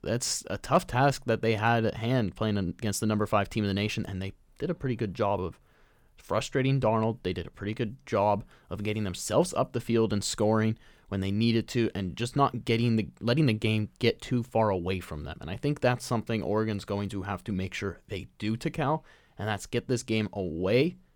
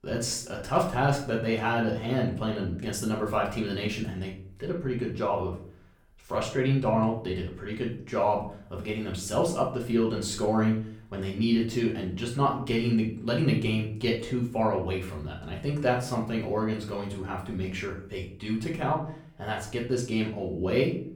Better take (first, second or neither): first